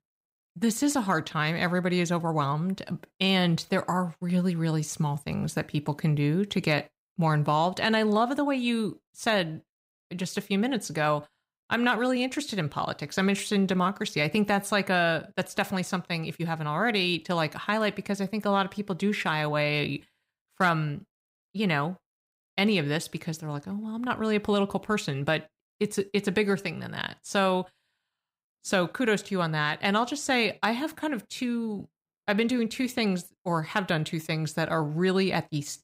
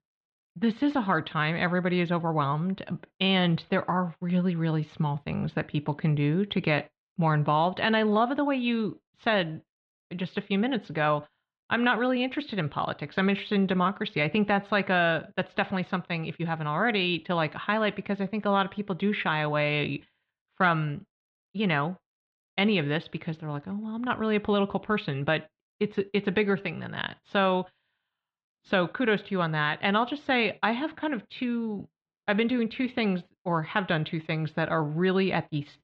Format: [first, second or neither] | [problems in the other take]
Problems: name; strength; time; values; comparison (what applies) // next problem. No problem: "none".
first | muffled; slightly; fading above 3.5 kHz